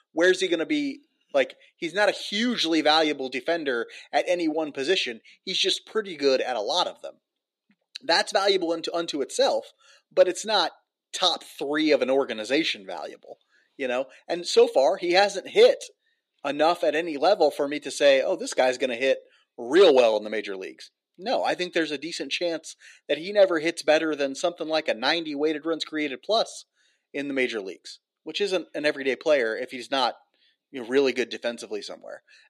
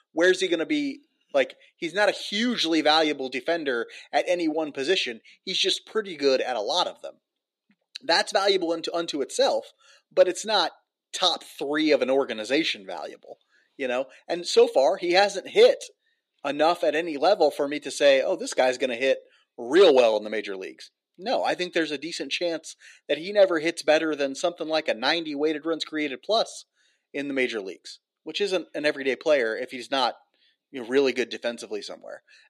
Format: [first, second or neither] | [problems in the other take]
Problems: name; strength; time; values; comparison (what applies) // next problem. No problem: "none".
neither | thin; somewhat; fading below 300 Hz; the same in both